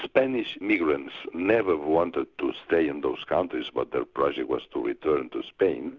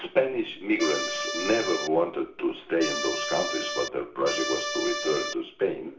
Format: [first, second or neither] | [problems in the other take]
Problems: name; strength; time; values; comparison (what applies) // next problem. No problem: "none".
first | background sound (Accordion); 3 dB below the speech // room echo; dies away in 0.4 s